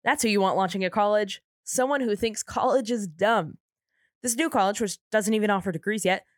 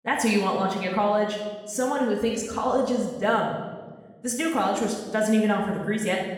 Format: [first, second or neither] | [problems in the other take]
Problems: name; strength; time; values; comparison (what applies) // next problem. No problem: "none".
first | room echo; noticeable; dies away in 1.2 s // off-mic speech; far